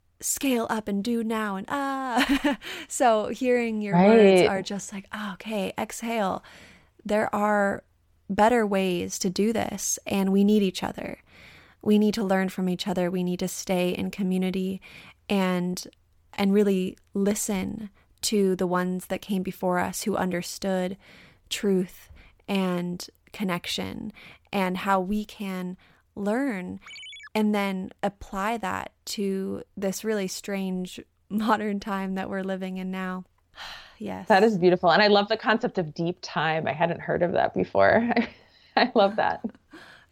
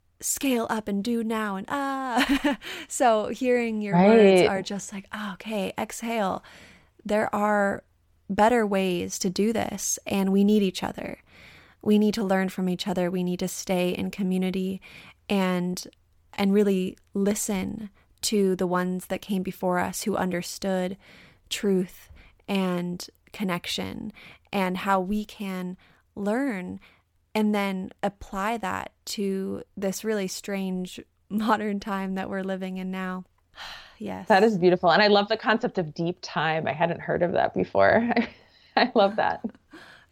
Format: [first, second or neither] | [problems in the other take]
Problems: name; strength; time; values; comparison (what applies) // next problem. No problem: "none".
second | phone ringing; faint; at 27 s; peak 15 dB below the speech